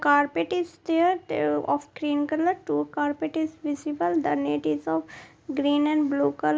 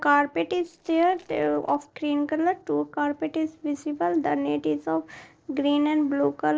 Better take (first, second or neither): first